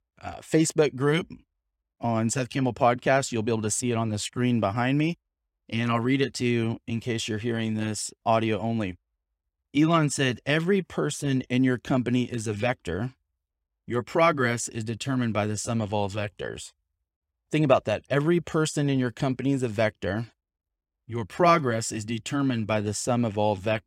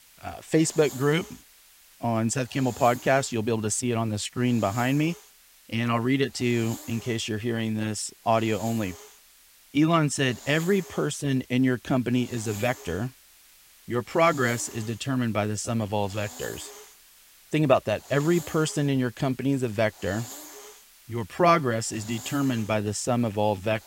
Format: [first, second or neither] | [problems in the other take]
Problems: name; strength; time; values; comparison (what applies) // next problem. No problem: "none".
first | hiss; noticeable; throughout; 20 dB below the speech